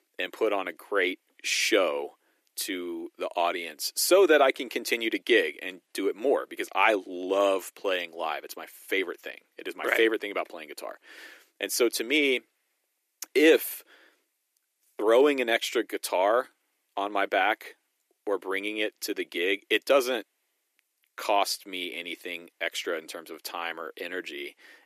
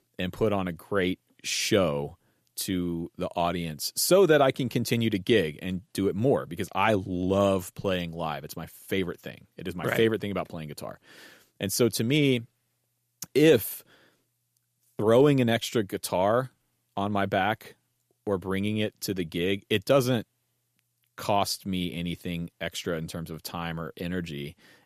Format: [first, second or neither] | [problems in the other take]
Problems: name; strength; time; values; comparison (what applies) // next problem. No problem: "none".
second | thin; somewhat; fading below 300 Hz